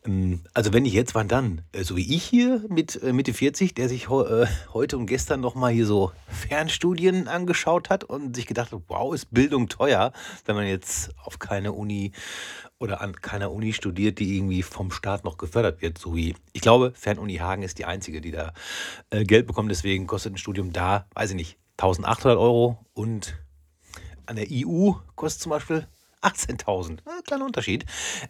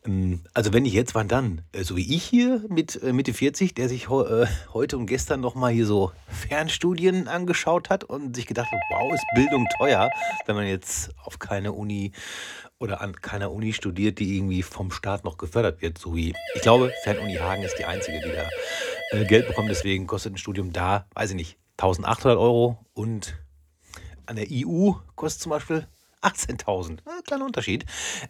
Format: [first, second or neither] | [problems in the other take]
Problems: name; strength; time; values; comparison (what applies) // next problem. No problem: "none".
first | doorbell; noticeable; from 8.5 to 10 s; peak 1 dB below the speech // siren; noticeable; from 16 to 20 s; peak 5 dB below the speech